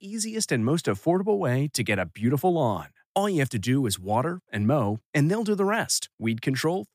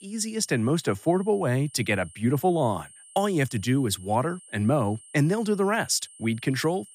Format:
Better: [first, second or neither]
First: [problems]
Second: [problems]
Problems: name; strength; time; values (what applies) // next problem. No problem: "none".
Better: first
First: none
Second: high-pitched whine; faint; throughout; 8.5 kHz, 20 dB below the speech